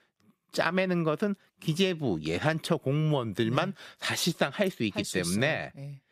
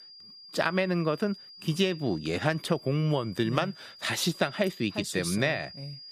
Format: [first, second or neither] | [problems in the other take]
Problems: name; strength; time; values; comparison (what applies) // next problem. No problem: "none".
first | high-pitched whine; noticeable; throughout; 5 kHz, 15 dB below the speech